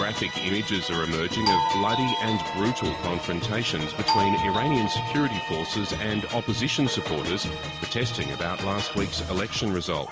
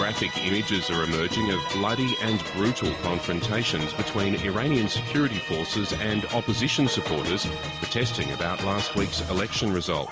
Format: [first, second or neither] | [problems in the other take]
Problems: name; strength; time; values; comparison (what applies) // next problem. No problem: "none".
second | background sound (Doorbell); 2 dB below the speech